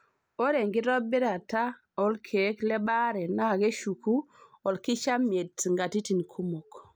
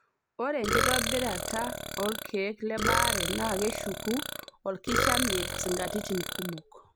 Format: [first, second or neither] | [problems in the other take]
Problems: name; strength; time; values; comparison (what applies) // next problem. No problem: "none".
first | background sound (Burping, eructation); 1 dB above the speech